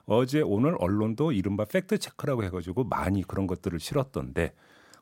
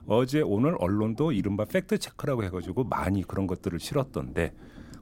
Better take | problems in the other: first | low rumble; faint; throughout; 20 dB below the speech

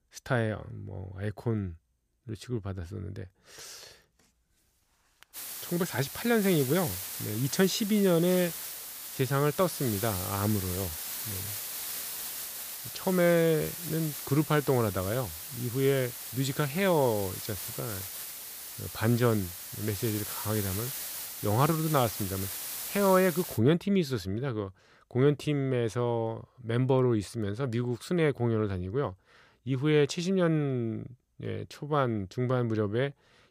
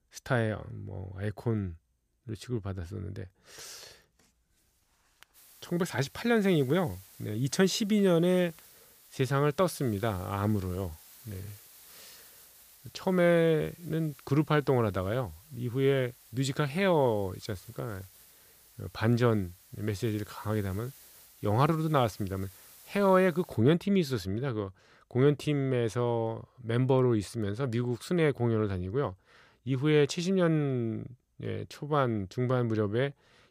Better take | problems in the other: second | hiss; loud; from 5.5 to 24 s; 7 dB below the speech; faint in the second

